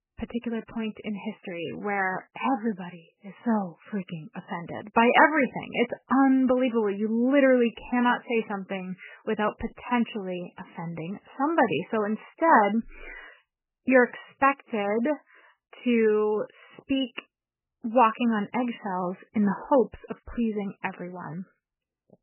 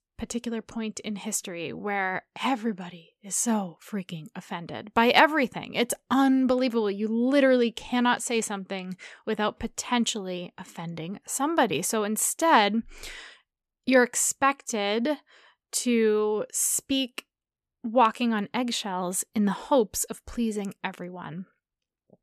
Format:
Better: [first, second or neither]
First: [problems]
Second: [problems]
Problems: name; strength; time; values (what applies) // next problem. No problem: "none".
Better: second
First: garbled, watery; badly; nothing above 3 kHz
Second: none